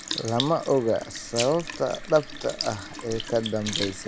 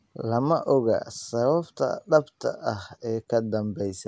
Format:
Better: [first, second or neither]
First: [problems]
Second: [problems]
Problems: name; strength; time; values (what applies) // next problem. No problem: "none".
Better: second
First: background sound (Sink (filling or washing) / Liquid); 8 dB below the speech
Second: none